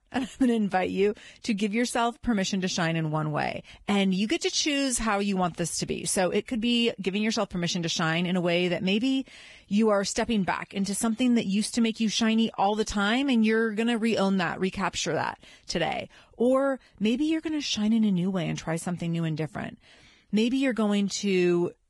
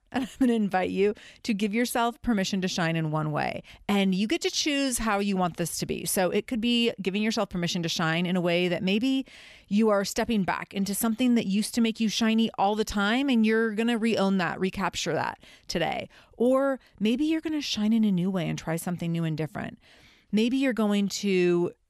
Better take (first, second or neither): second